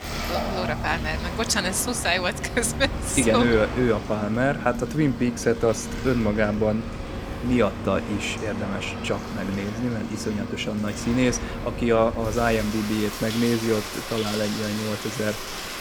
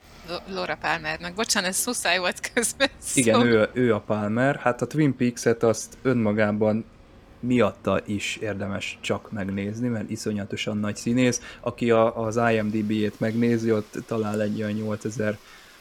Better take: second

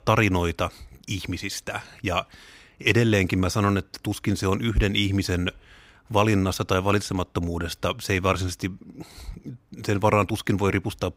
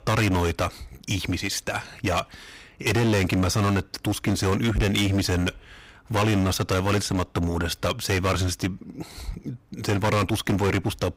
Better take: first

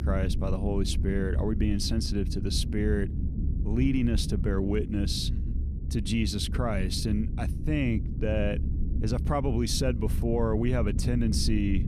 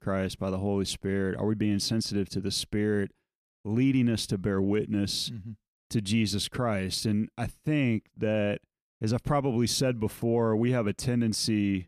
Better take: second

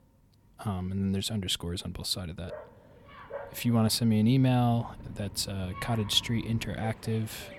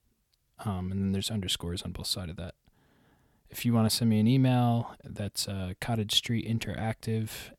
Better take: second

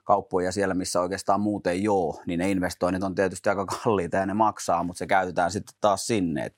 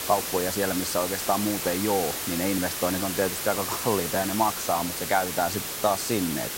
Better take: first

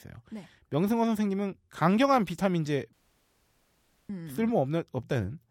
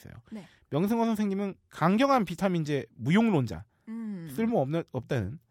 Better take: second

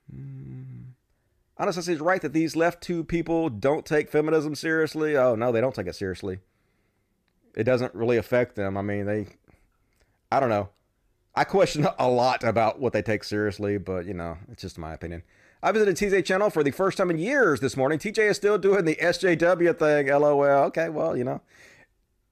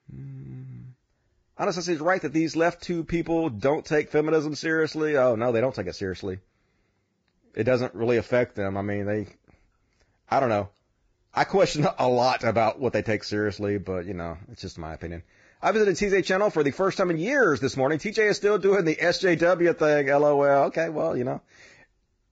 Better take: first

